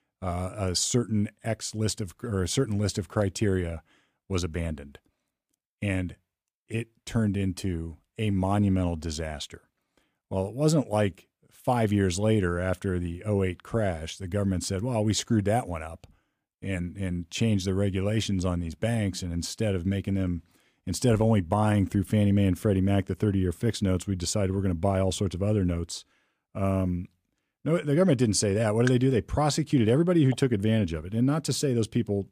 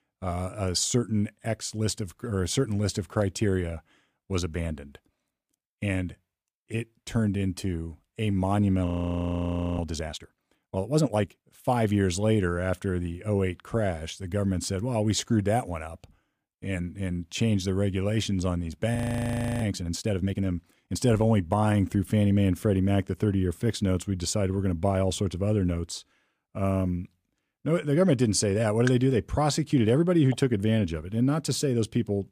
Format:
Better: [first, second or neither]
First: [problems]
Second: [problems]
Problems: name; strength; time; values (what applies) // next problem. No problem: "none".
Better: first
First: none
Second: audio freezing; at 9 s for 1 s and at 19 s for 0.5 s